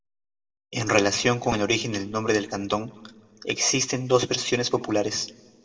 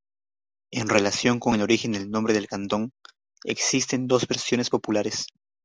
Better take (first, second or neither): second